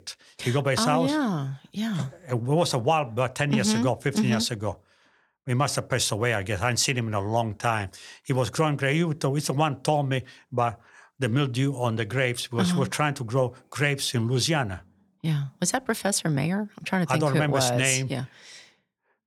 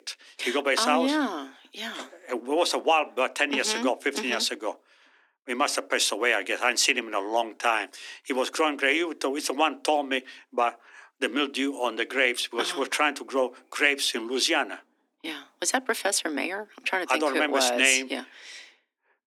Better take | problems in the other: first | thin; somewhat; fading below 250 Hz

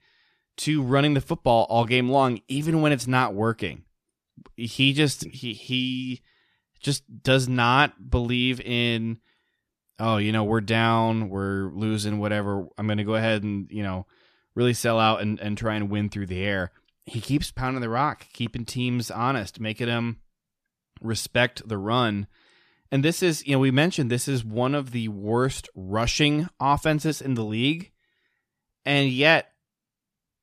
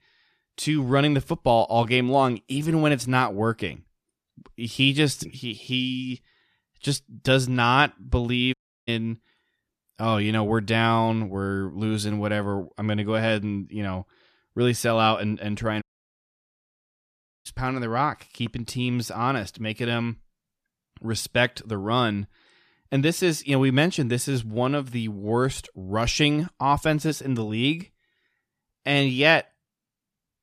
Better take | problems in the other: first | audio cutting out; at 8.5 s and at 16 s for 1.5 s

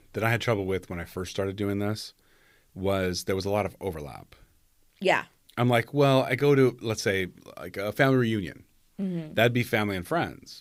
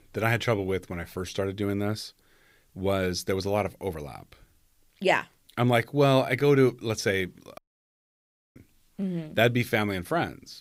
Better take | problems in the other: first | audio cutting out; at 7.5 s for 1 s

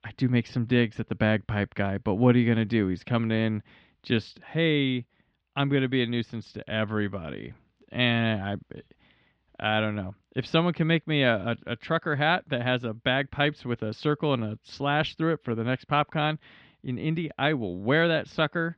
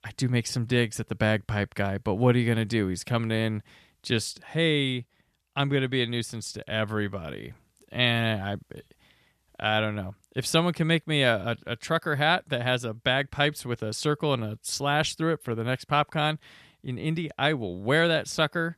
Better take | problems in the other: second | muffled; slightly; fading above 3.5 kHz

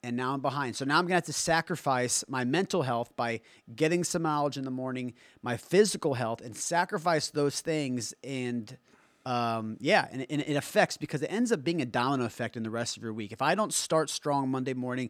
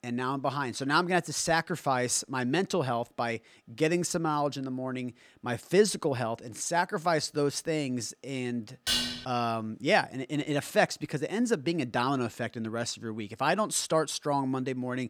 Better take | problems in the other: first | clattering dishes; loud; at 9 s; peak 2 dB above the speech

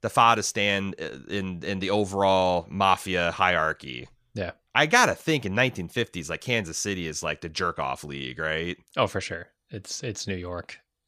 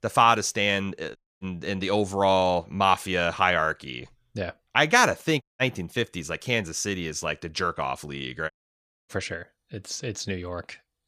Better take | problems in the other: first | audio cutting out; at 1 s, at 5.5 s and at 8.5 s for 0.5 s

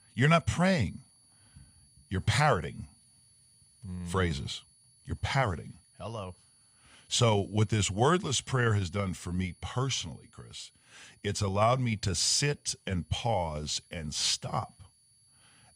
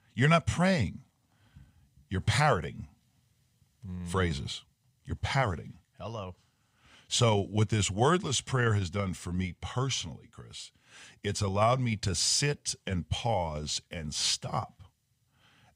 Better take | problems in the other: second | high-pitched whine; faint; throughout; 10.5 kHz, 30 dB below the speech

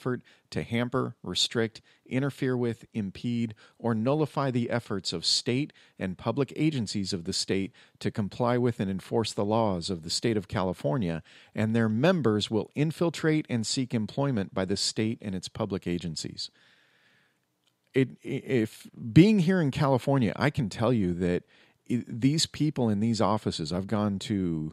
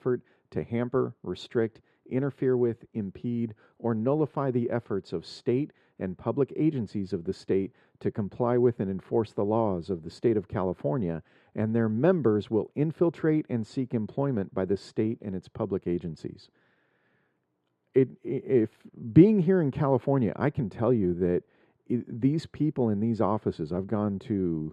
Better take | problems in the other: first | muffled; very; fading above 2.5 kHz

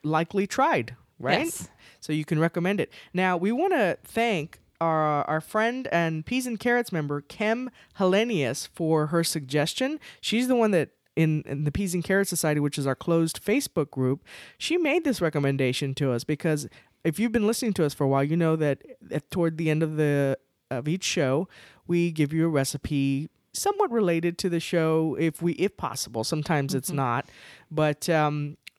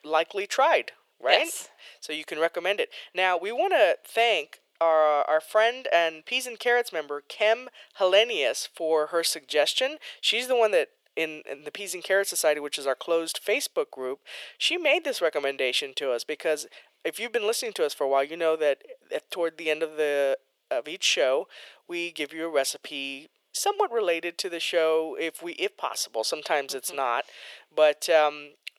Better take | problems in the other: first | thin; very; fading below 450 Hz

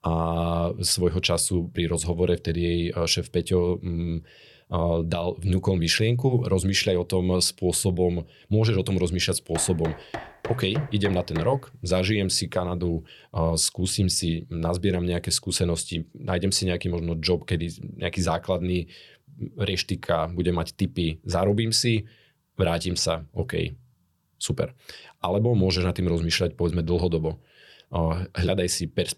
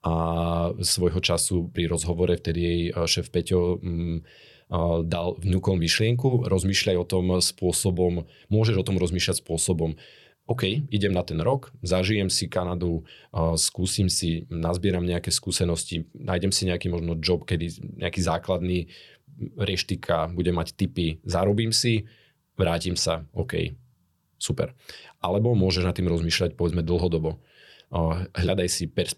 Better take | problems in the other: second | door banging; faint; from 9.5 to 12 s; peak 10 dB below the speech

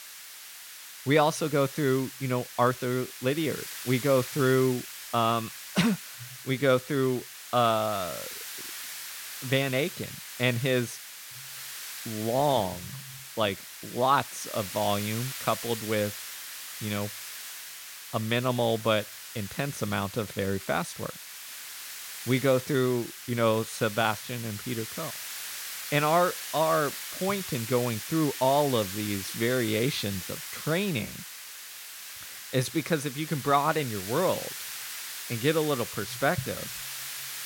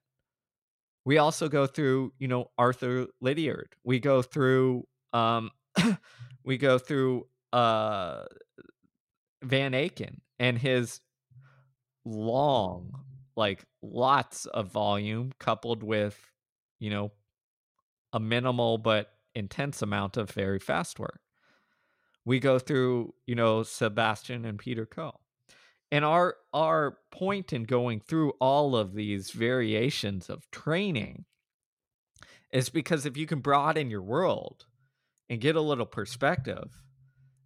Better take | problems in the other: second | hiss; loud; throughout; 9 dB below the speech

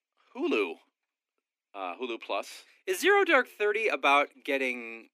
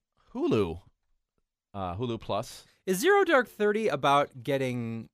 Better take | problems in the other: second | thin; very slightly; fading below 250 Hz

